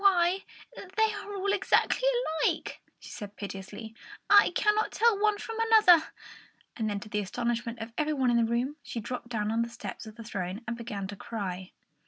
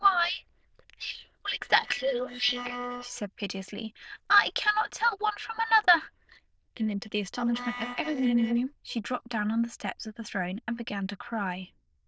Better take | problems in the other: first | noise reduction (neural diffusion model UNIVERSE++)

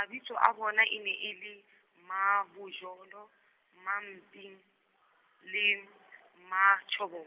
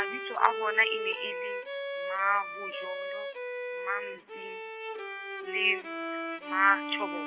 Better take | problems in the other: first | background sound (Bowed string instrument); 4 dB below the speech

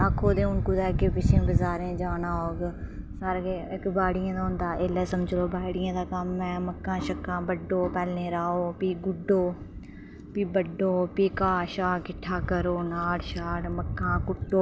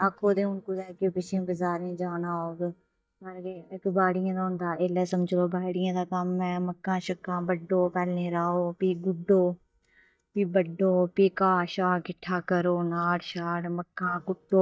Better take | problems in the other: first | noise reduction (neural mask model DeepFilterNet 3)

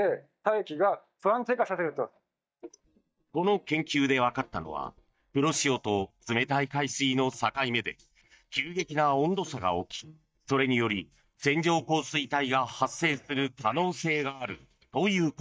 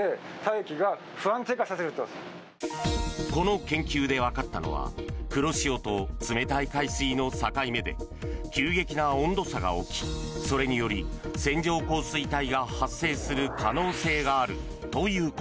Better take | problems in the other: second | noise reduction (neural mask model DeepFilterNet 3)

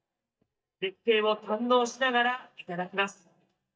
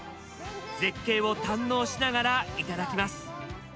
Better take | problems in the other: second | noise reduction (neural mask model DeepFilterNet 3)

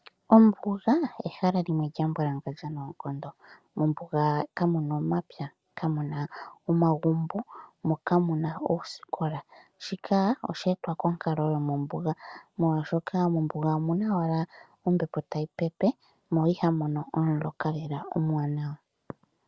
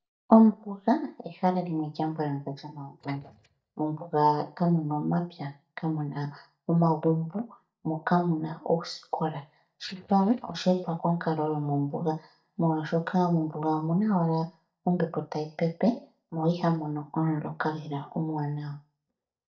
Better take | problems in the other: first | noise reduction (neural mask model DeepFilterNet 3)

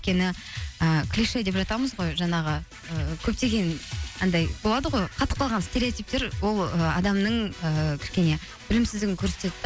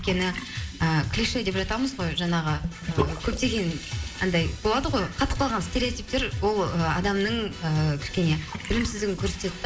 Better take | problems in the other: first | background sound (Bathtub (filling or washing) / Sink (filling or washing)); 13 dB below the speech // room echo; dies away in 2.2 s

